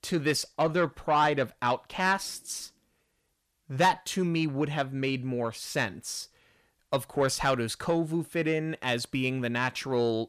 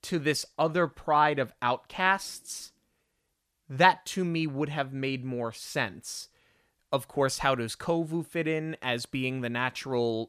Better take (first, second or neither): second